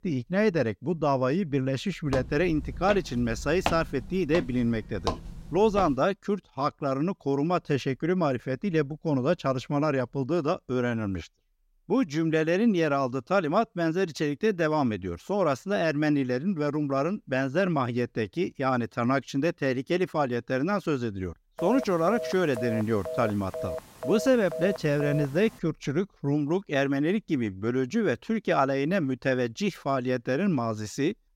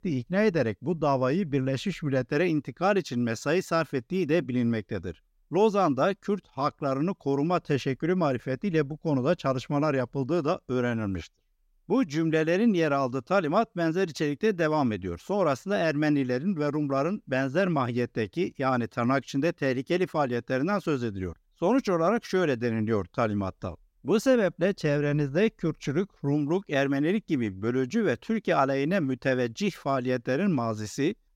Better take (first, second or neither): second